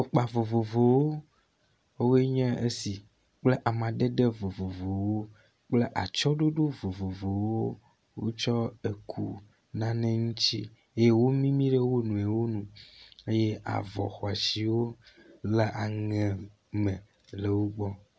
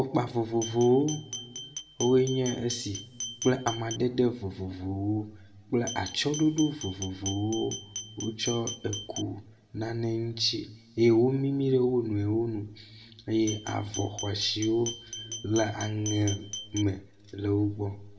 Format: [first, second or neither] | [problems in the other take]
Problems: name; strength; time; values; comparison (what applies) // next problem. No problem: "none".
first | background sound (Glass); 11 dB below the speech // room echo; dies away in 1.5 s